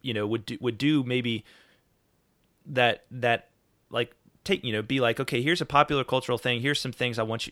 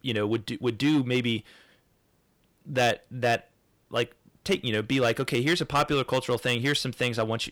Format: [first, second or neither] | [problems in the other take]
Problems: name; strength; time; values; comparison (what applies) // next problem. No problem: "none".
first | distortion; slight; 4% of the sound clipped